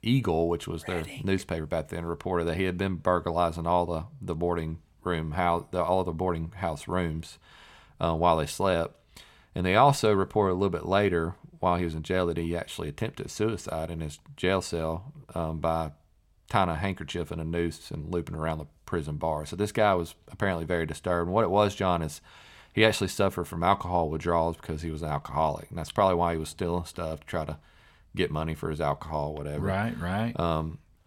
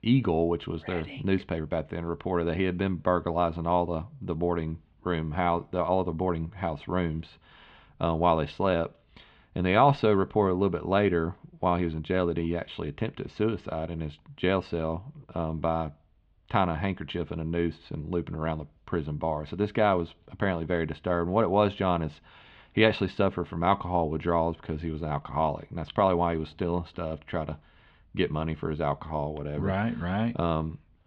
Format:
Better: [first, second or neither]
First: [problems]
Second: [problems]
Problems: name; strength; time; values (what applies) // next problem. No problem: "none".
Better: first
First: none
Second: muffled; slightly; fading above 3.5 kHz